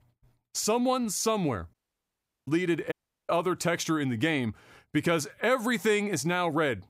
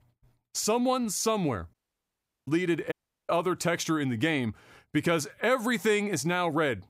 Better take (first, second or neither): neither